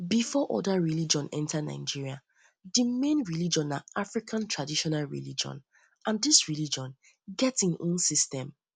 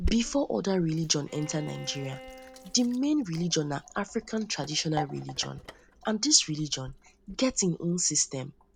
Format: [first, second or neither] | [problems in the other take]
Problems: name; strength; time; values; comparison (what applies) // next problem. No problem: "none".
first | background sound (Sink (filling or washing) + Bowed string instrument); 12 dB below the speech